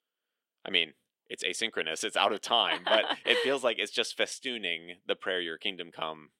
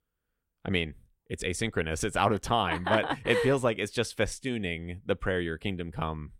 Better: second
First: thin; somewhat; fading below 300 Hz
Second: none

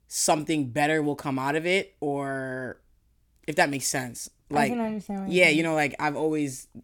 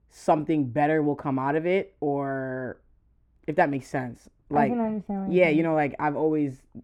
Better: first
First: none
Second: muffled; very; fading above 3 kHz

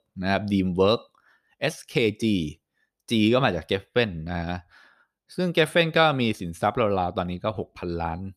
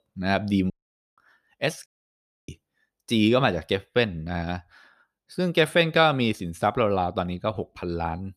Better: first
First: none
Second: audio cutting out; at 0.5 s and at 2 s for 0.5 s

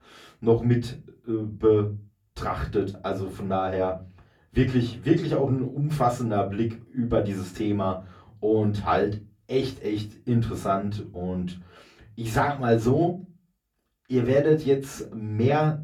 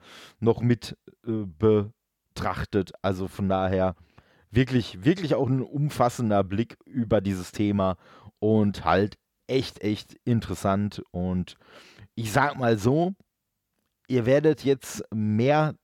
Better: second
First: off-mic speech; far // room echo; very slight; dies away in 0.2 s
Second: none

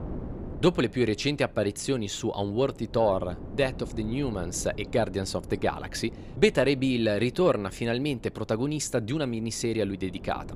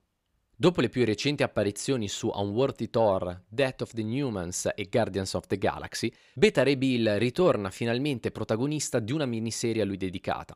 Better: second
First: wind noise on the microphone; occasional gusts; 20 dB below the speech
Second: none

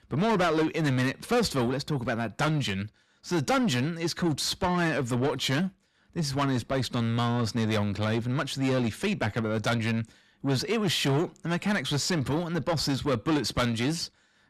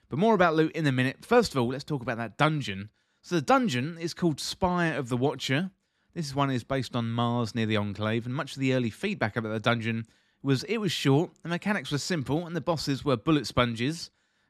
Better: second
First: distortion; heavy; 6 dB below the speech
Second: none

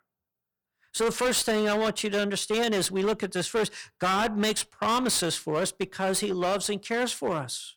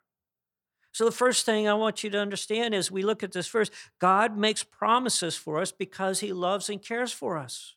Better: second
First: distortion; heavy; 17% of the sound clipped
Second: none

